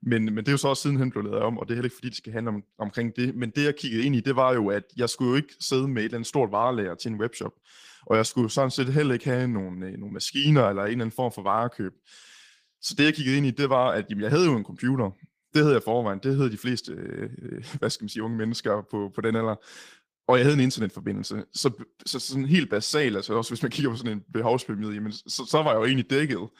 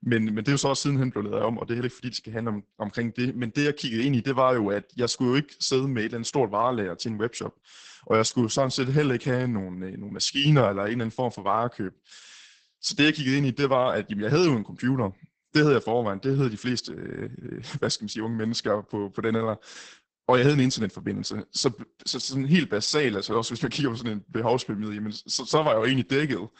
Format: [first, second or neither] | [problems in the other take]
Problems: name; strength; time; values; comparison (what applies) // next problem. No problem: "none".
first | garbled, watery; badly; nothing above 8 kHz; slightly in the first